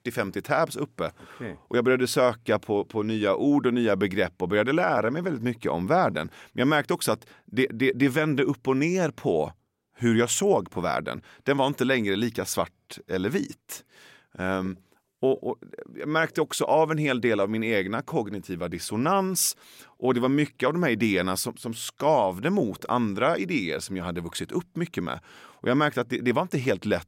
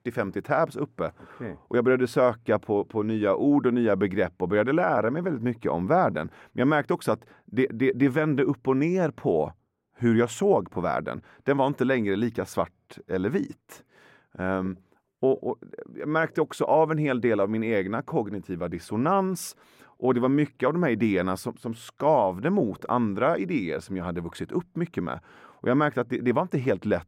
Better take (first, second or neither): first